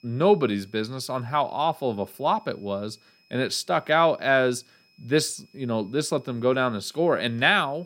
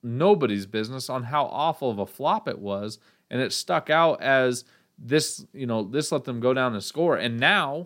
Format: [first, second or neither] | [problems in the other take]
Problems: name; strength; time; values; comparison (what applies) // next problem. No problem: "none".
second | high-pitched whine; faint; throughout; 2.5 kHz, 35 dB below the speech